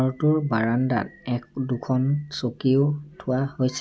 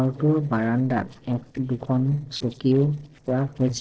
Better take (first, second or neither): first